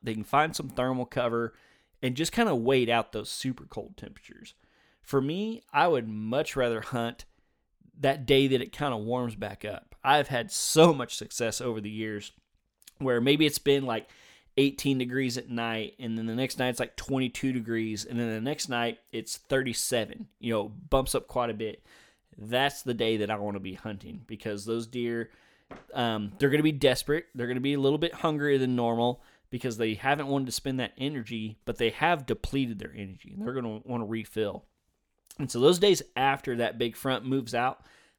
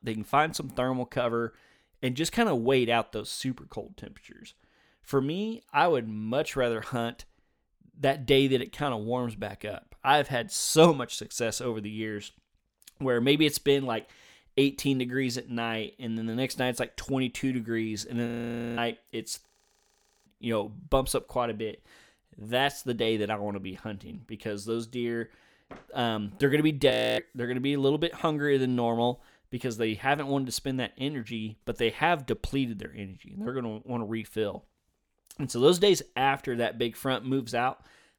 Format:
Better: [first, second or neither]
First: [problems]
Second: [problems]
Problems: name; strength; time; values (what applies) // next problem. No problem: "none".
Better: first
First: none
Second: audio freezing; at 18 s for 0.5 s, at 19 s for 1 s and at 27 s